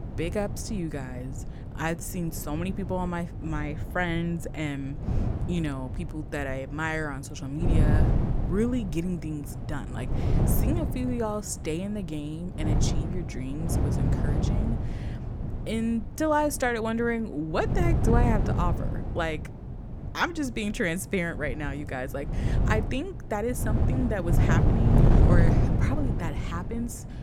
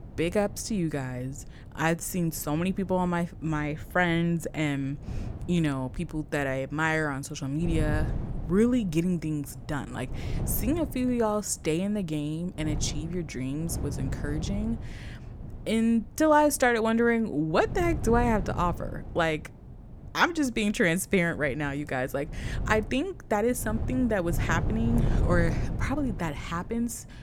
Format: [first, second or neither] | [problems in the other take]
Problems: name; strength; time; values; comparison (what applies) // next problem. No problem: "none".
second | wind noise on the microphone; heavy; 5 dB below the speech; occasional gusts in the second